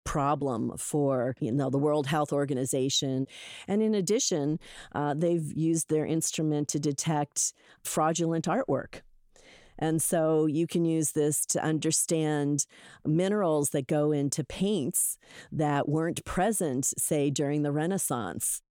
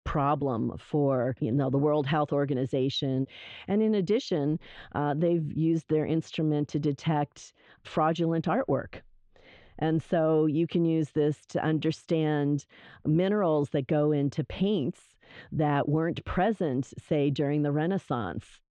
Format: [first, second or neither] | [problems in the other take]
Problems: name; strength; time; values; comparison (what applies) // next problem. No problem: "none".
first | muffled; very; fading above 3.5 kHz